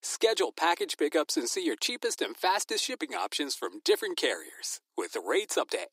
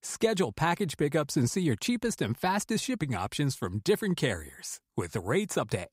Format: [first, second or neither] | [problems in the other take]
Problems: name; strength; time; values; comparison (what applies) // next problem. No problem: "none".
second | thin; very; fading below 300 Hz